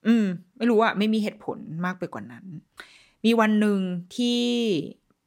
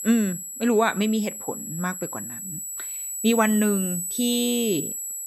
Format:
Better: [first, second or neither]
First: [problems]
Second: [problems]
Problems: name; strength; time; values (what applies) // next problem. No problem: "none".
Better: first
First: none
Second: high-pitched whine; loud; throughout; 8 kHz, 5 dB below the speech